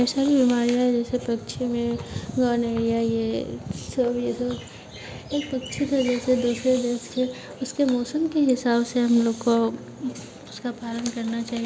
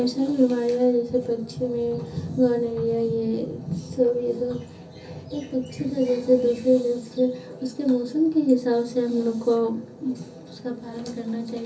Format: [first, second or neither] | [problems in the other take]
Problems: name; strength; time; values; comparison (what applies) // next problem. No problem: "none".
first | room echo; dies away in 0.3 s